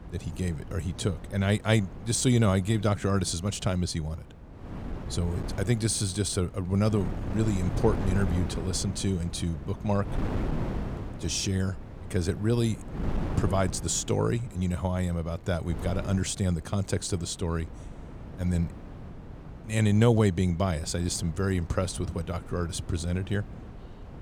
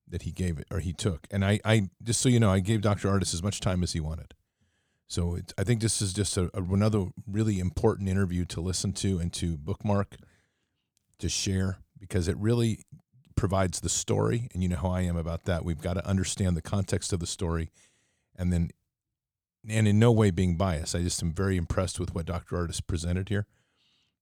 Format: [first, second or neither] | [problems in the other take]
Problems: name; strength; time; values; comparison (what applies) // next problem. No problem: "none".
second | wind noise on the microphone; occasional gusts; 10 dB below the speech